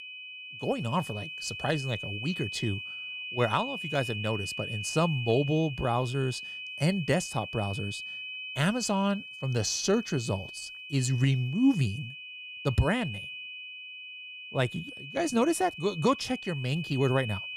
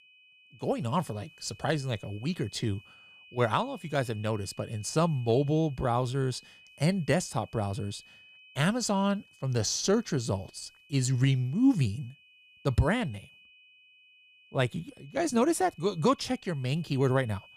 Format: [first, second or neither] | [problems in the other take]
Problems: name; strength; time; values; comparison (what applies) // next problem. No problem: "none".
second | high-pitched whine; loud; throughout; 2.5 kHz, 8 dB below the speech; faint in the second